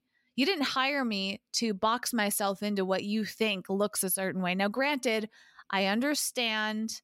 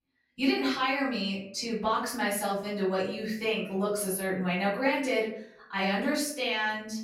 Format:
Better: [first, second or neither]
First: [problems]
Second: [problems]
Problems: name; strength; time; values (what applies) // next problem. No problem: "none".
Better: first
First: none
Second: room echo; noticeable; dies away in 0.6 s // off-mic speech; far